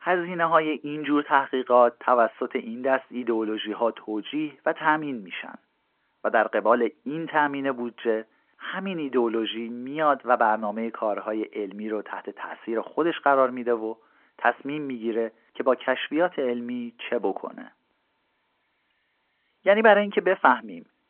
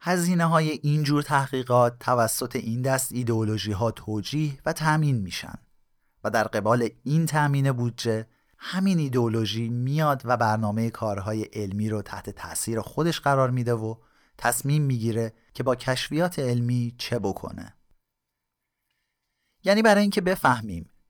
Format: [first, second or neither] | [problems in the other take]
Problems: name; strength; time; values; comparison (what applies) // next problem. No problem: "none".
second | phone-call audio